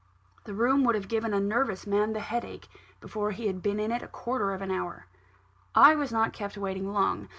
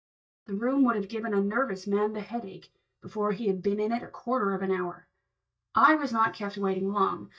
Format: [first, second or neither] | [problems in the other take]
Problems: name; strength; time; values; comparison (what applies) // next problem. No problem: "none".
first | noise reduction (neural mask model DeepFilterNet 3)